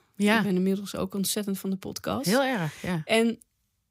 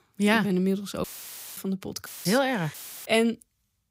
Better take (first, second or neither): first